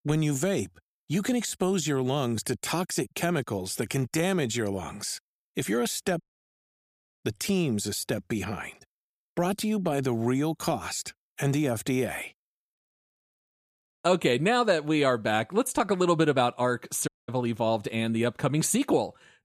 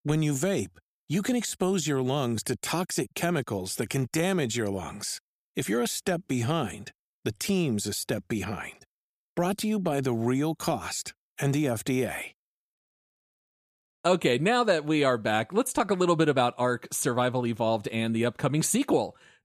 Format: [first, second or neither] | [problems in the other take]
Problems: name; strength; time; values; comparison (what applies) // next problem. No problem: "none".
second | audio cutting out; at 6 s for 1 s and at 17 s